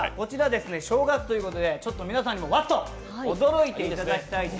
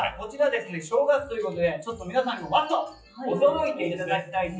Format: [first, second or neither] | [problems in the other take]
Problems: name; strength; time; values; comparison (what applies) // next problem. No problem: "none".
first | noise reduction (classical method WPE with log-MMSE)